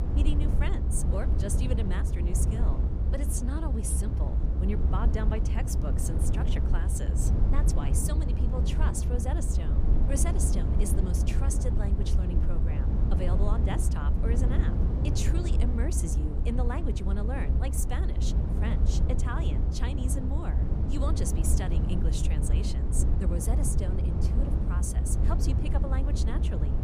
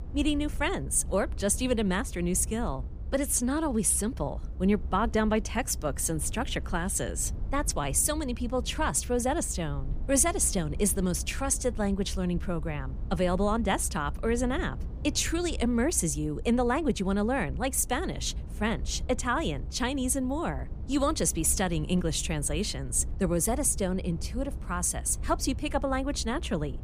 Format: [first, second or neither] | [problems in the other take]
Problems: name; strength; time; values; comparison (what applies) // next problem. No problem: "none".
second | low rumble; loud; throughout; 2 dB below the speech; faint in the second